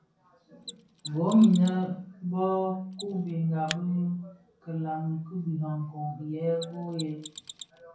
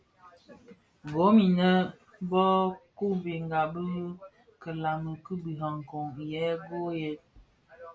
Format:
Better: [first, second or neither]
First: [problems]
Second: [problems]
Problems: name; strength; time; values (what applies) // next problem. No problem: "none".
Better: second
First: background sound (Mechanisms); 19 dB below the speech // room echo; dies away in 0.6 s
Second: none